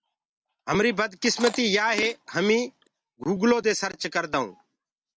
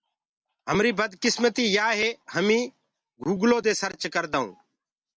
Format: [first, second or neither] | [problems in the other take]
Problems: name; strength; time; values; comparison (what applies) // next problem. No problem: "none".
second | background sound (Chewing, mastication); 13 dB below the speech